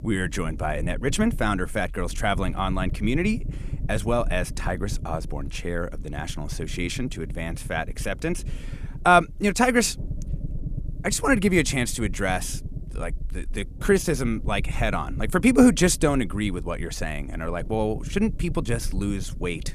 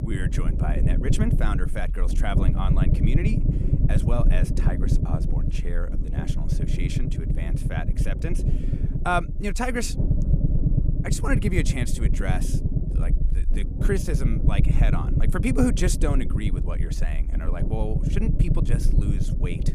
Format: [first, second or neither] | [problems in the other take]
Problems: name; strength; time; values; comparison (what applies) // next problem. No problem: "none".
first | low rumble; loud; throughout; 5 dB below the speech; faint in the first